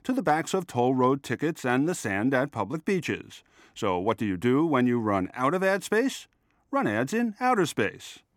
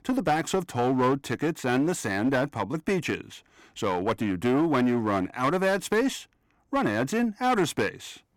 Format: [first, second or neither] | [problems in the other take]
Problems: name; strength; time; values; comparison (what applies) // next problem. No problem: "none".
first | distortion; slight; 7% of the sound clipped